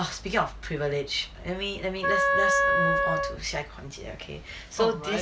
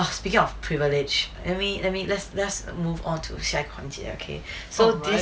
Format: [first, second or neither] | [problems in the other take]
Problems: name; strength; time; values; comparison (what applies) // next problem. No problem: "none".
second | background sound (Wind instrument, woodwind instrument); 5 dB above the speech